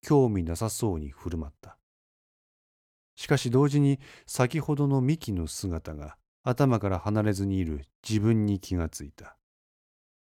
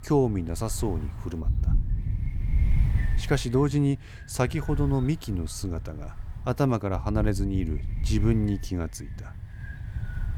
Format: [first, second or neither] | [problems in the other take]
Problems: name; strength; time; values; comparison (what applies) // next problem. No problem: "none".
first | wind noise on the microphone; occasional gusts; 15 dB below the speech